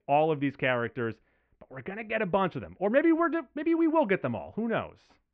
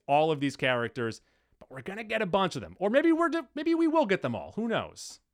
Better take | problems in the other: second | muffled; very; fading above 2.5 kHz

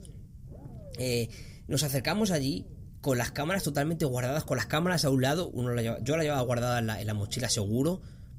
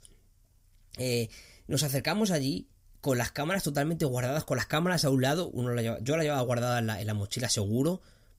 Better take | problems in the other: second | low rumble; faint; throughout; 25 dB below the speech

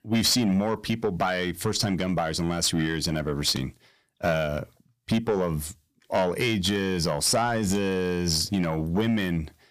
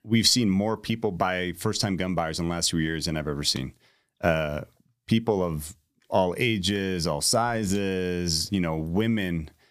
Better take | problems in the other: second | distortion; slight; 10 dB below the speech

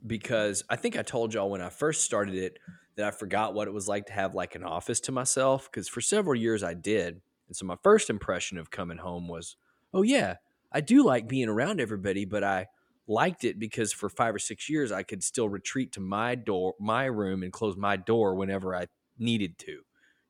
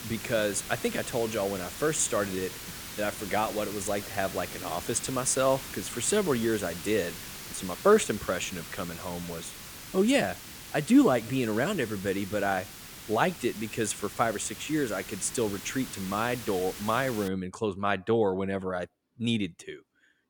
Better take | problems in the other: first | hiss; noticeable; until 17 s; 10 dB below the speech

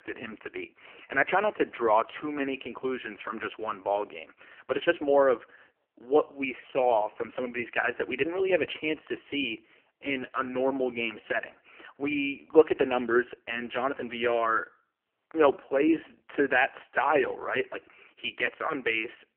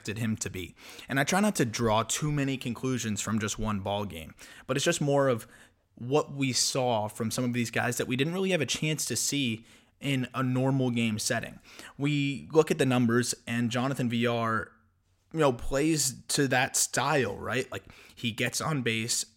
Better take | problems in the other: second | phone-call audio; poor line; nothing above 3 kHz

